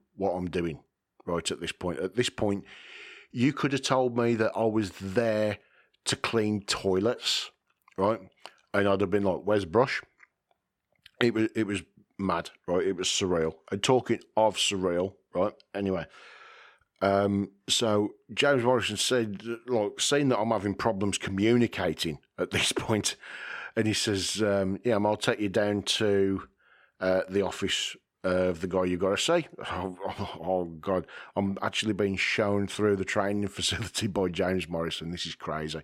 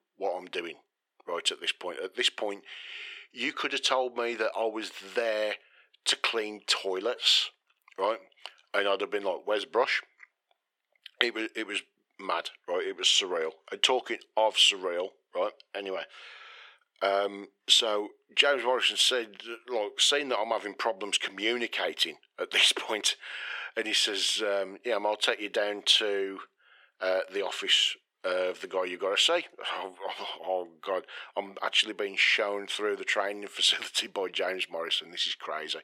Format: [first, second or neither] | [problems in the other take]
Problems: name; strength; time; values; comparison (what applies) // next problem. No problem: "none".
first | thin; very; fading below 450 Hz